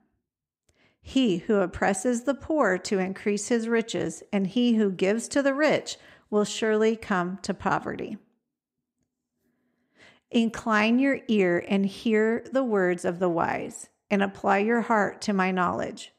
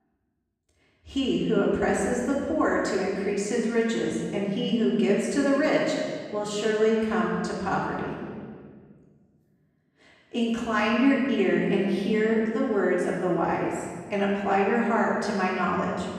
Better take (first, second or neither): first